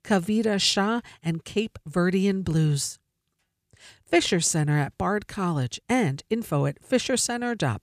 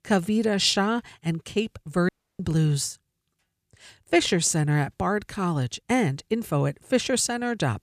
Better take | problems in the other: first | audio cutting out; at 2 s

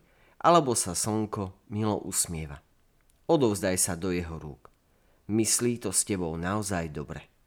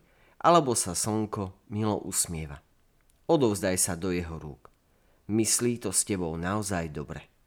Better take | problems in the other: neither | none

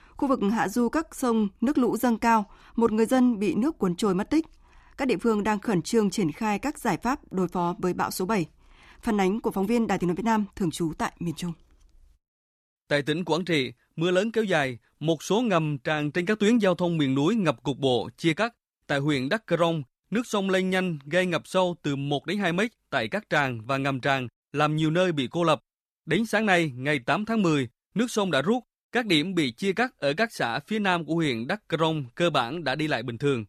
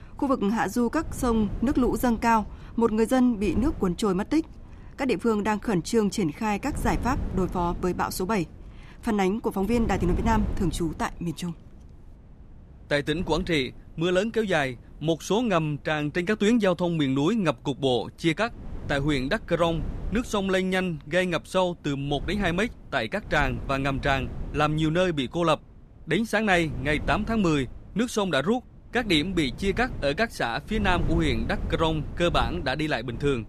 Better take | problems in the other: first | wind noise on the microphone; occasional gusts; 20 dB below the speech

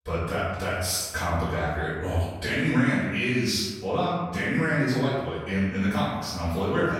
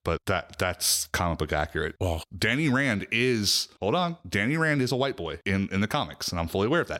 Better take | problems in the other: second | room echo; strong; dies away in 1.1 s // off-mic speech; far

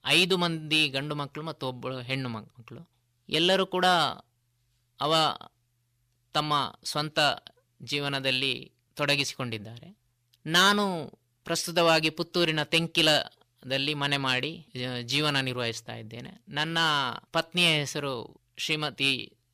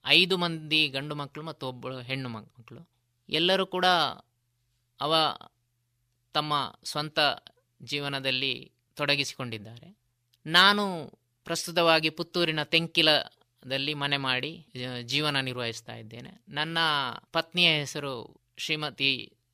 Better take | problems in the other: second | distortion; slight; 10 dB below the speech

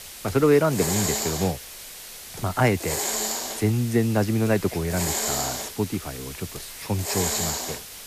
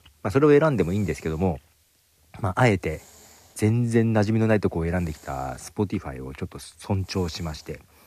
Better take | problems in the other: second | hiss; loud; throughout; 4 dB below the speech; faint in the second

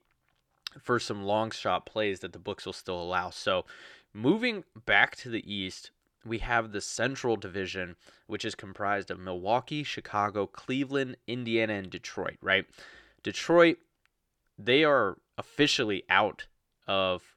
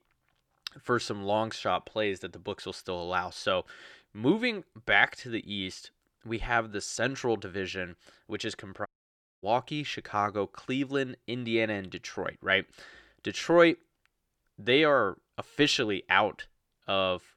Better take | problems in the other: first | audio cutting out; at 9 s for 0.5 s

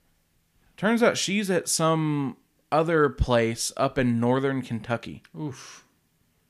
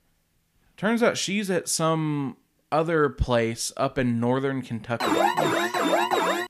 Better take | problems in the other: first | alarm; loud; from 5 s on; peak 3 dB above the speech

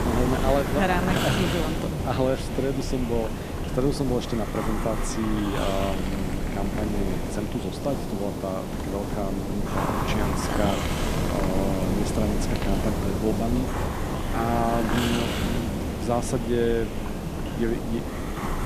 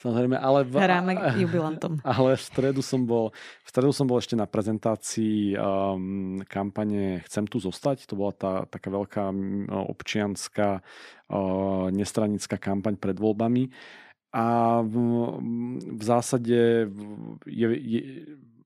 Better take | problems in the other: second | hiss; loud; throughout; as loud as the speech

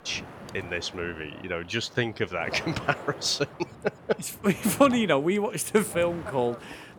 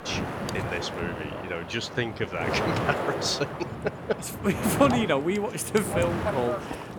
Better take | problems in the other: first | wind noise on the microphone; heavy; 3 dB below the speech; occasional gusts in the first

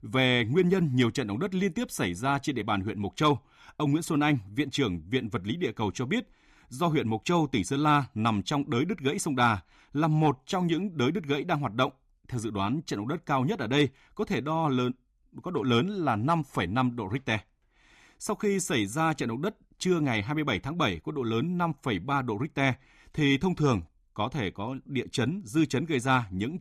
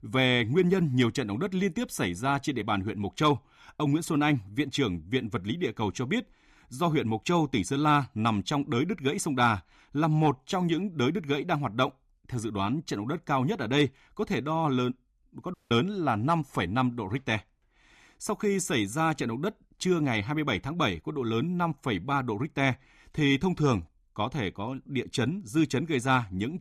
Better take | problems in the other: first | audio cutting out; at 16 s

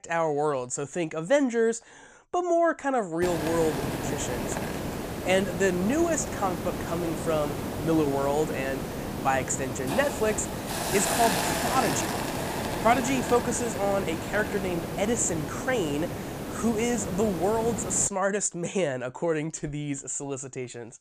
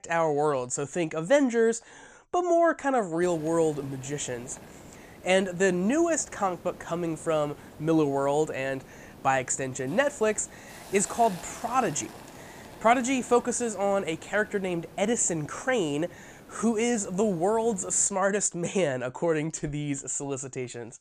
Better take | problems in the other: second | hiss; loud; from 3 to 18 s; 4 dB below the speech; faint in the second

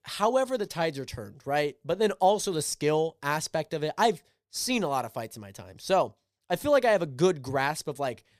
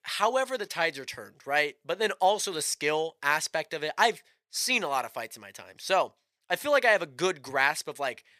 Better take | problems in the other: first | thin; somewhat; fading below 700 Hz

